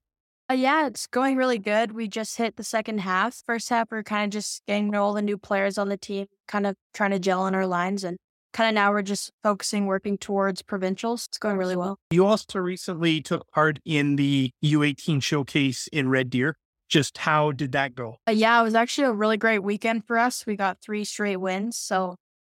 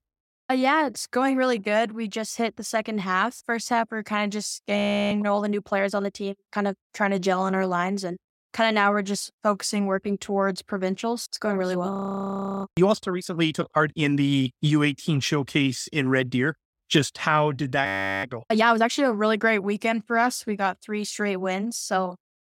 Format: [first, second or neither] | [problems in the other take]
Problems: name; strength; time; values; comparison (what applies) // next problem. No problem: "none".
first | audio freezing; at 5 s, at 12 s for 0.5 s and at 18 s